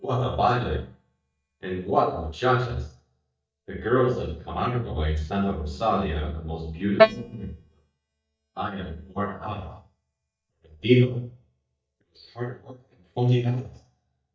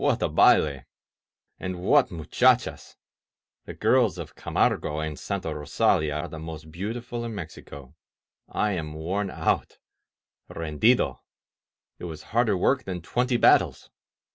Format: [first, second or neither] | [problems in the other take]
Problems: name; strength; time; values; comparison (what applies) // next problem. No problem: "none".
second | noise reduction (neural mask model DeepFilterNet 3)